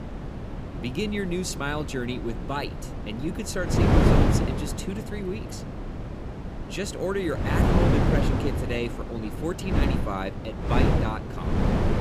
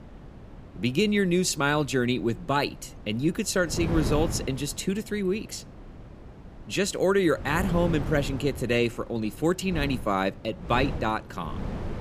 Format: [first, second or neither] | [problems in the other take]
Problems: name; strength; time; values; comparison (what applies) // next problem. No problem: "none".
second | wind noise on the microphone; heavy; as loud as the speech; occasional gusts in the second